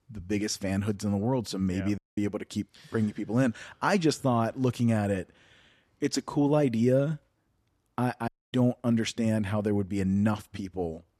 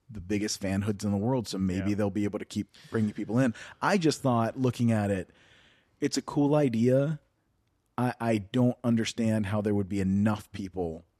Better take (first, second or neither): second